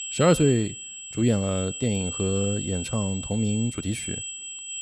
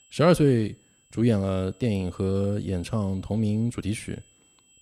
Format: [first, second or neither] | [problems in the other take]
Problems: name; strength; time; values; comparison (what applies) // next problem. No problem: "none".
second | high-pitched whine; loud; throughout; 8 kHz, 7 dB below the speech; faint in the second